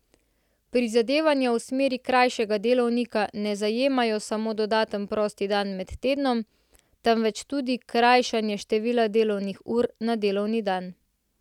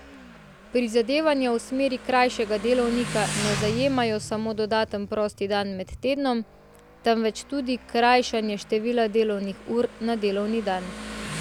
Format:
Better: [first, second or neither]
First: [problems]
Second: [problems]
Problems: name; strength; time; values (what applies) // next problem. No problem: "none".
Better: first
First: none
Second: background sound (Motorcycle); 13 dB below the speech